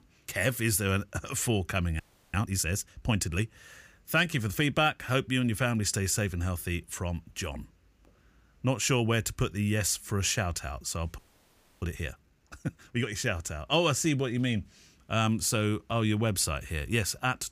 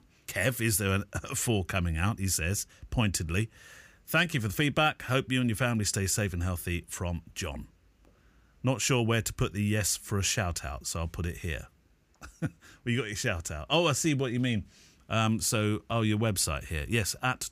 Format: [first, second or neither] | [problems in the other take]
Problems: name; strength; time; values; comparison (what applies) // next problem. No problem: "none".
second | audio freezing; at 2 s and at 11 s for 0.5 s